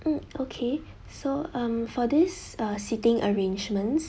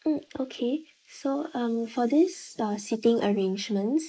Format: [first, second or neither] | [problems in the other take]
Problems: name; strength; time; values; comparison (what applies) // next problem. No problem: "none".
first | noise reduction (neural mask model Resemble Enhance denoiser)